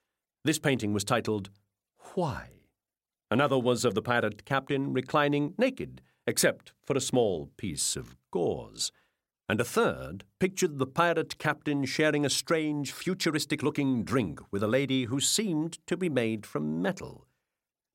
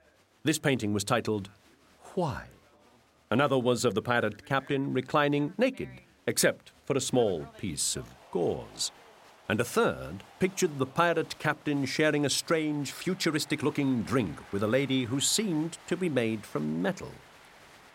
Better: first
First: none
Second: crowd noise; faint; throughout; 25 dB below the speech

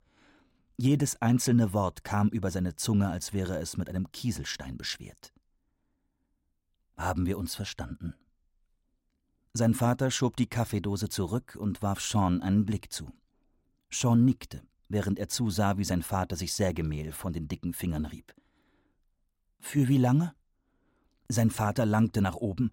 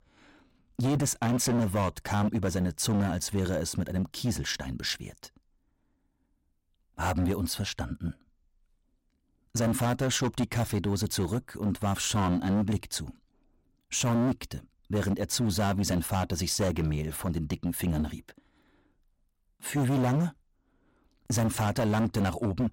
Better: first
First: none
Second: distortion; heavy; 12% of the sound clipped

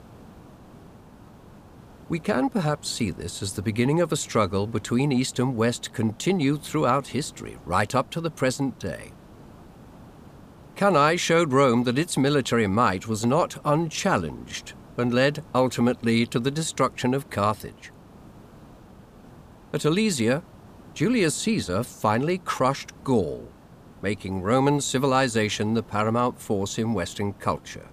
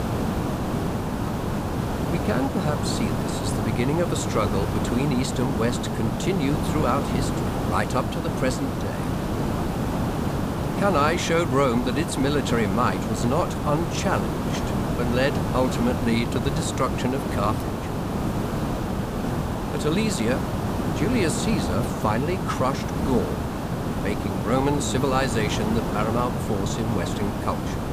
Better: first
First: hiss; faint; throughout; 25 dB below the speech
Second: hiss; loud; throughout; 1 dB below the speech

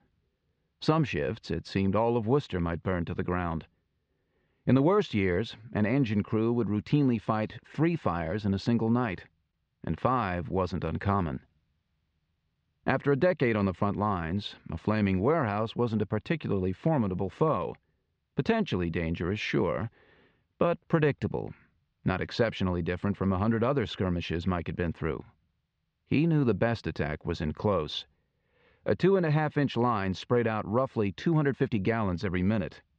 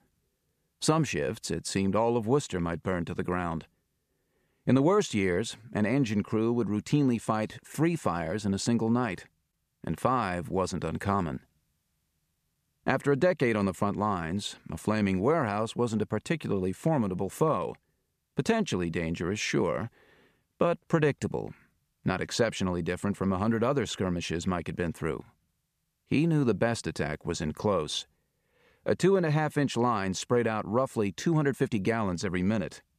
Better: second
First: muffled; slightly; fading above 4 kHz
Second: none

